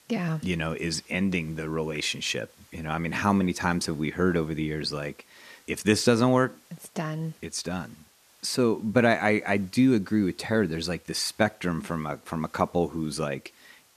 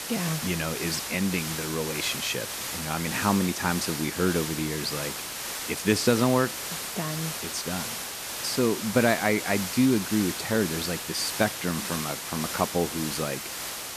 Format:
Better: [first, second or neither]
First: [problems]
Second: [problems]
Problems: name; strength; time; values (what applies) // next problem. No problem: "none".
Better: first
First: hiss; faint; throughout; 30 dB below the speech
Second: hiss; loud; throughout; 4 dB below the speech